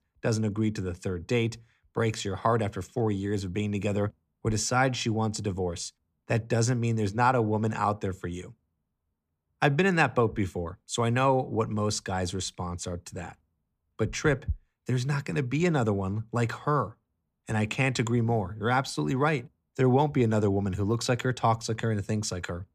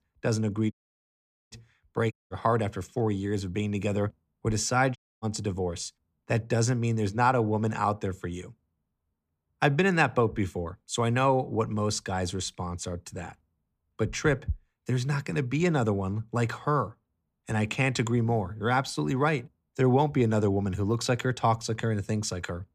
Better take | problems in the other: first | audio cutting out; at 0.5 s for 1 s, at 2 s and at 5 s

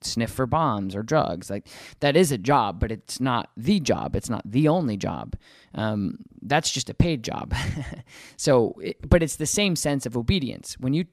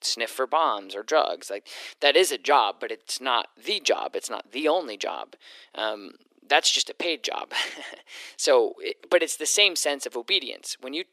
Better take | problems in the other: first | thin; very; fading below 350 Hz

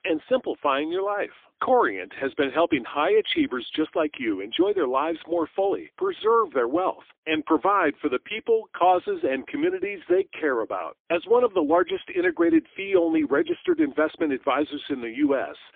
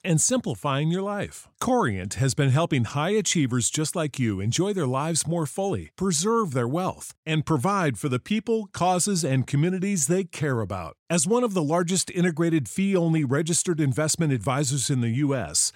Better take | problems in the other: second | phone-call audio; poor line; nothing above 3.5 kHz

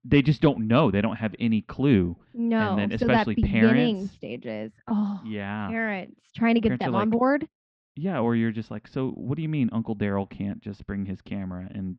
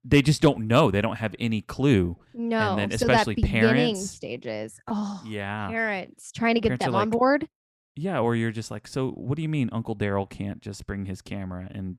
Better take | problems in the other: second | muffled; slightly; fading above 3.5 kHz

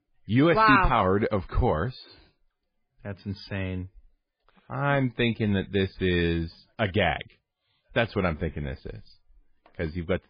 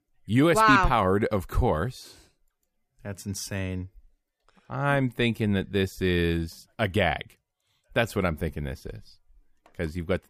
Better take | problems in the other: second | garbled, watery; badly; nothing above 4.5 kHz

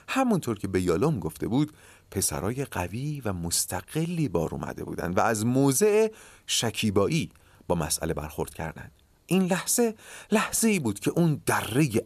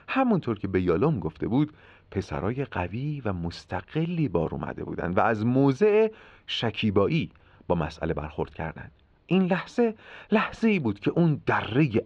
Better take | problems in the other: first | muffled; very; fading above 3.5 kHz

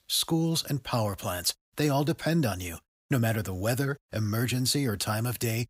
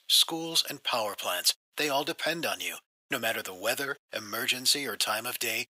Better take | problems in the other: first | thin; very; fading below 500 Hz

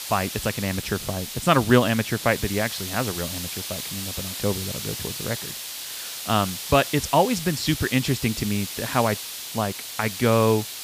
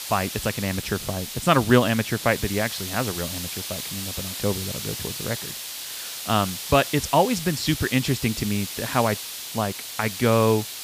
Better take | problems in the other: neither | hiss; loud; throughout; 7 dB below the speech; the same in both

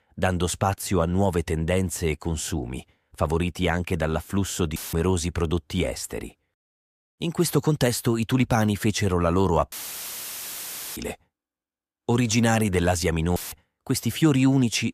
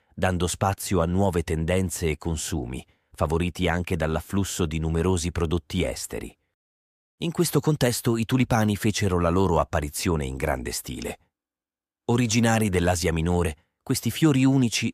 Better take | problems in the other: second | audio cutting out; filled with static; at 5 s, at 9.5 s for 1.5 s and at 13 s

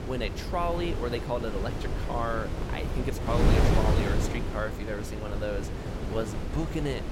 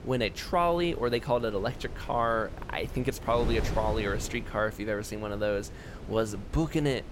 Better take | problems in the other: second | wind noise on the microphone; heavy; 3 dB below the speech; occasional gusts in the second

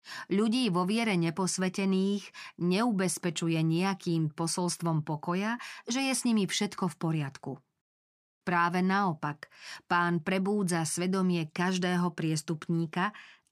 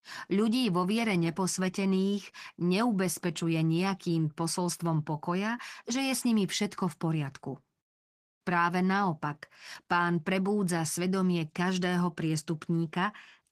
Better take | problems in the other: first | garbled, watery; slightly

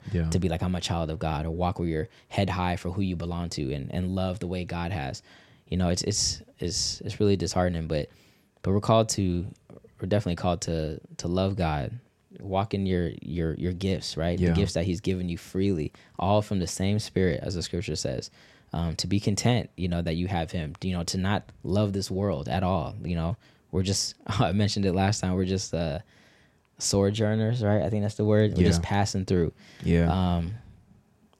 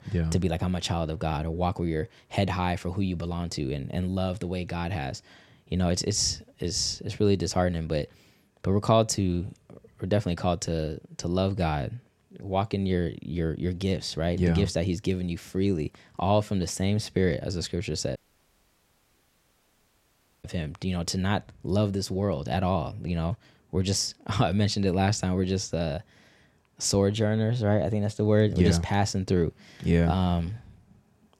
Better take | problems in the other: first | audio cutting out; at 18 s for 2.5 s

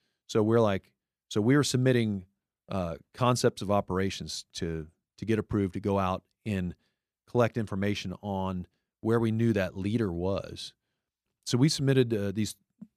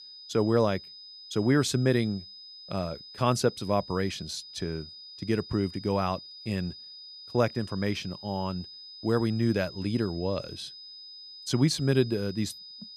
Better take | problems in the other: first | high-pitched whine; noticeable; throughout; 5 kHz, 15 dB below the speech

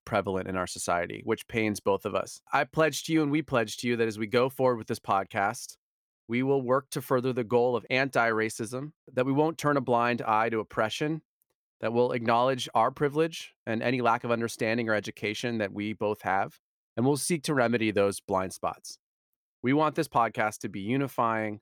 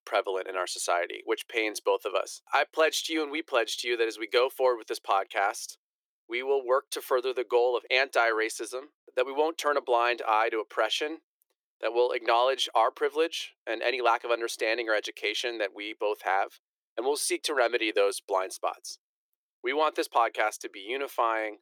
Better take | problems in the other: first | thin; very; fading below 350 Hz

